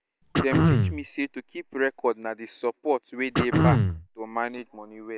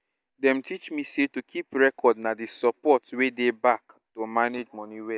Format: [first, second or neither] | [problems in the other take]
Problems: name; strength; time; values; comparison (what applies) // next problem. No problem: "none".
second | background sound (Cough); 5 dB above the speech